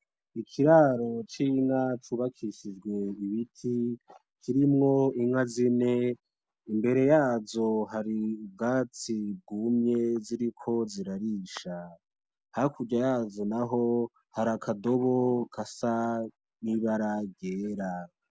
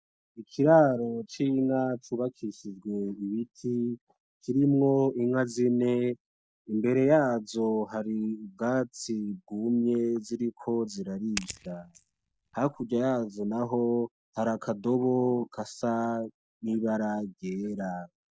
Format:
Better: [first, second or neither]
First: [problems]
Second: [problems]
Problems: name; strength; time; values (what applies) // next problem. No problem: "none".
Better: first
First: none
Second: noise reduction (neural mask model DeepFilterNet 3)